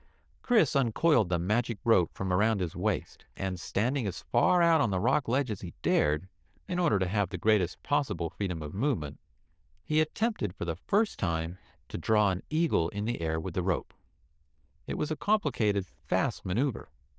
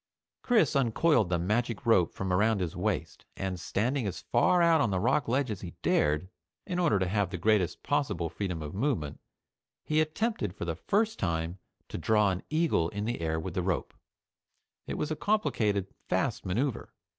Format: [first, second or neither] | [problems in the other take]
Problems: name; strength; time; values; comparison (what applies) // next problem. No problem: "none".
second | noise reduction (neural diffusion model UNIVERSE++)